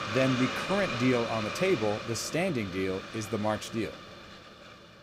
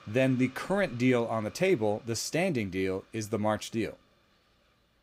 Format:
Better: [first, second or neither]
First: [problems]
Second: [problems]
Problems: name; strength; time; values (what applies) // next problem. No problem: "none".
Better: second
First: hiss; loud; throughout; 6 dB below the speech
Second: hiss; faint; throughout; 25 dB below the speech